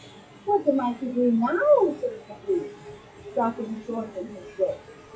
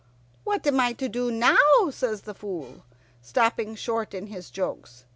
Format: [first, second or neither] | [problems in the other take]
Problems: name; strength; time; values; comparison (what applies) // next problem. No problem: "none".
second | noise reduction (classical method WPE with log-MMSE)